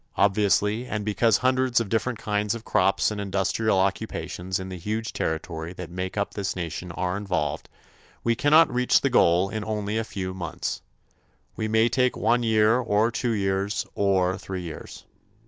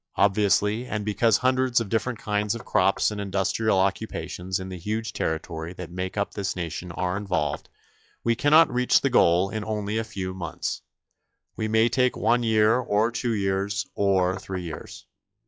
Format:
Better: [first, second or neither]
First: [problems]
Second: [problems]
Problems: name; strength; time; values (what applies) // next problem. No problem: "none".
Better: first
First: none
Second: noise reduction (classical method log-MMSE)